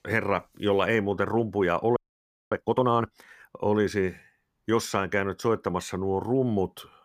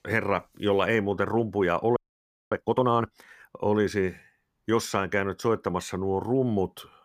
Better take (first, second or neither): neither